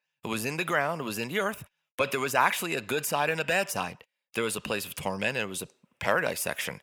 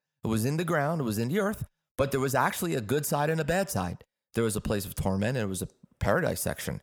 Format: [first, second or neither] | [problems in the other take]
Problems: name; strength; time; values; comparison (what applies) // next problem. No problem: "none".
second | thin; somewhat; fading below 850 Hz